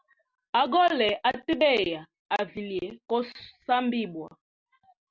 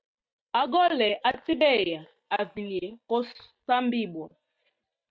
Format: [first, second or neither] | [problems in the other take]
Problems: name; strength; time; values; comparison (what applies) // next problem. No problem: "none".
first | noise reduction (neural mask model DeepFilterNet 3)